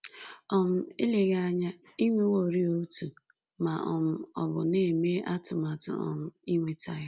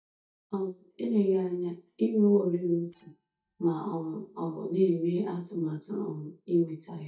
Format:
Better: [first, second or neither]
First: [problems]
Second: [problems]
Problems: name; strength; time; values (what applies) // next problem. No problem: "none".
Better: first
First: none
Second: noise reduction (neural mask model DeepFilterNet 3)